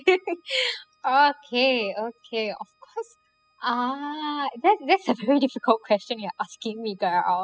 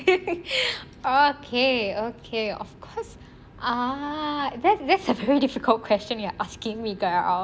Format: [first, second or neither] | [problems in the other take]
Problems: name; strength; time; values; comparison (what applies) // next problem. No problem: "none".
second | noise reduction (classical method spectral subtraction)